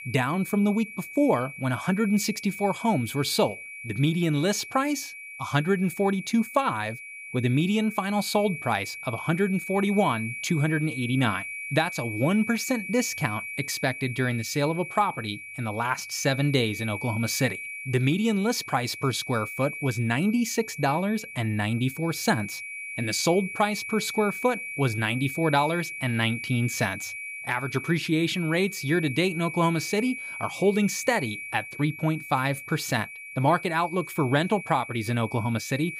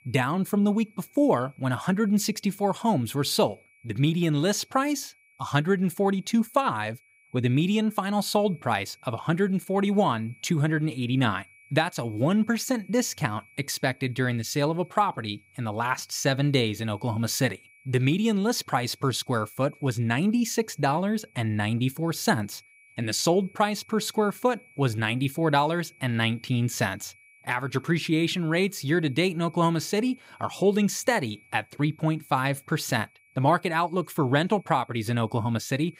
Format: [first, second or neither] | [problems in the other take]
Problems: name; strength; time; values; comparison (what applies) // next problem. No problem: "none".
second | high-pitched whine; loud; throughout; 2.5 kHz, 9 dB below the speech; faint in the second